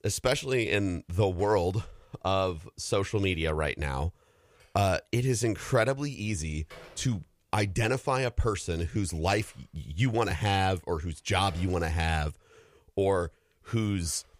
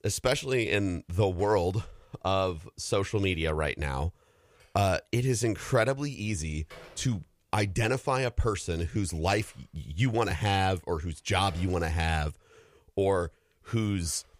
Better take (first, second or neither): neither